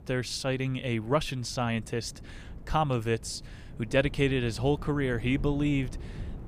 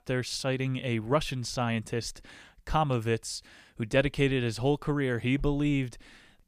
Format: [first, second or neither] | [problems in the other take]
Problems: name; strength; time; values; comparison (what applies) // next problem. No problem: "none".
second | wind noise on the microphone; occasional gusts; 25 dB below the speech